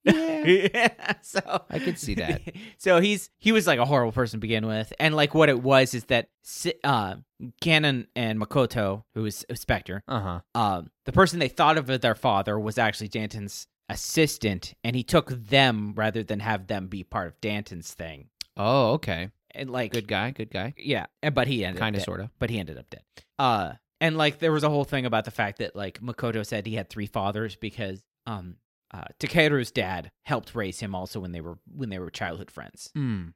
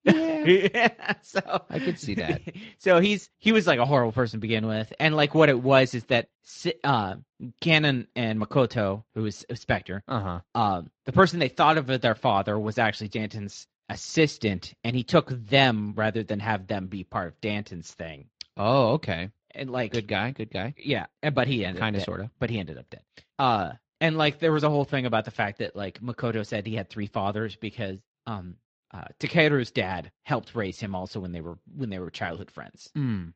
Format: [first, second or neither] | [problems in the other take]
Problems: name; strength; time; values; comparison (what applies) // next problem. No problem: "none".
first | garbled, watery; slightly; nothing above 7.5 kHz